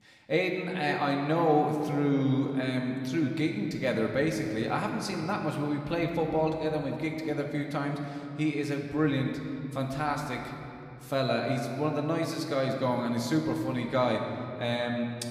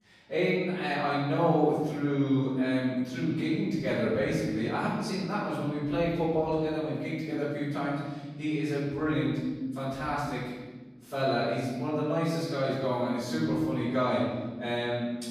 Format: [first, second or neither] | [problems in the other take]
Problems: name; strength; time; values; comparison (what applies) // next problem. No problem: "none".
first | room echo; strong; dies away in 1.4 s; slight in the first // off-mic speech; far; somewhat distant in the first